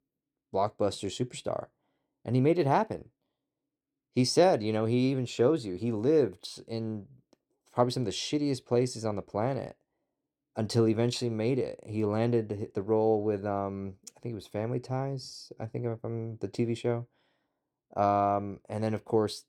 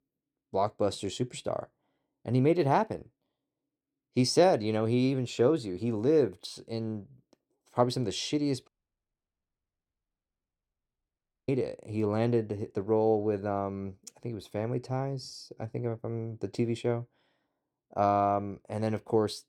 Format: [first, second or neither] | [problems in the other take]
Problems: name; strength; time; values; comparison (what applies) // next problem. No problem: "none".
first | audio cutting out; at 8.5 s for 3 s